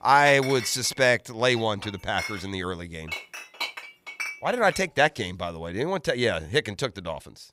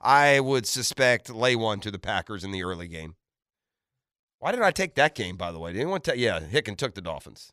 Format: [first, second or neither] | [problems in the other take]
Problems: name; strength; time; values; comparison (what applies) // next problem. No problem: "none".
second | household noises; noticeable; throughout; 10 dB below the speech